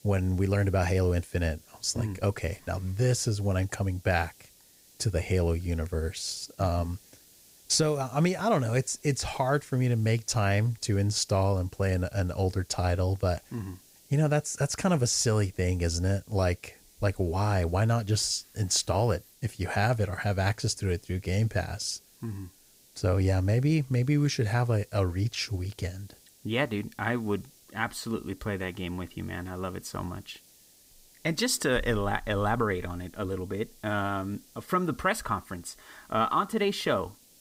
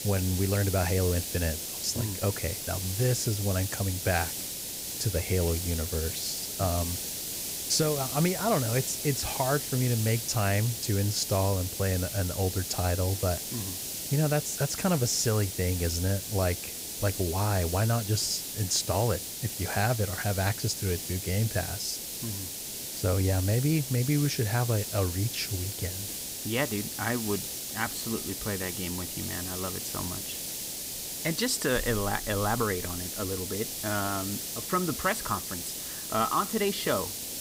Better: first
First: hiss; faint; throughout; 25 dB below the speech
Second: hiss; loud; throughout; 4 dB below the speech

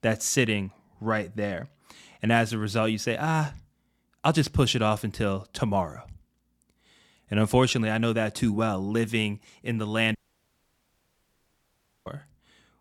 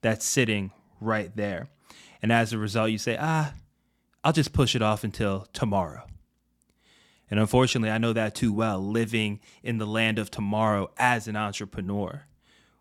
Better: second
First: audio cutting out; at 10 s for 2 s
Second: none

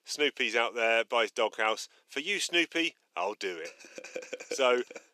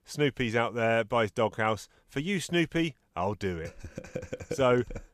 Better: second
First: thin; somewhat; fading below 300 Hz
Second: none

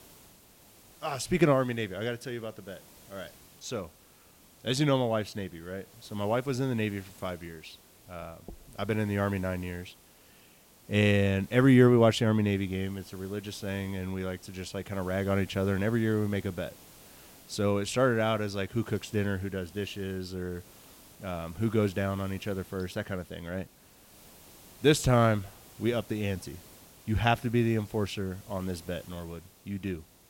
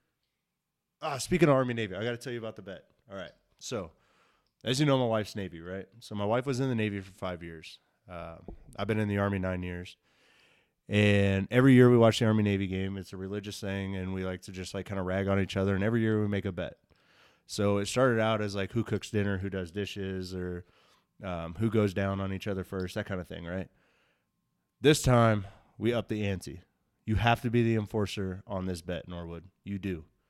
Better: second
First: hiss; faint; throughout; 25 dB below the speech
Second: none

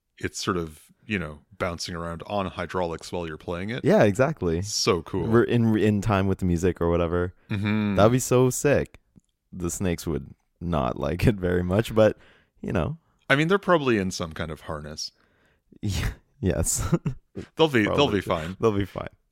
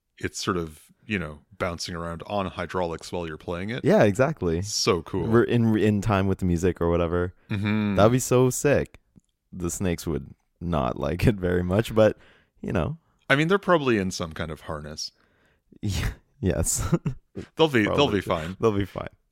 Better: neither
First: none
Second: none

